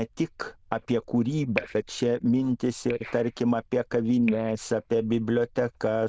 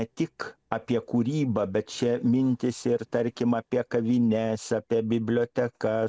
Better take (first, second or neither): second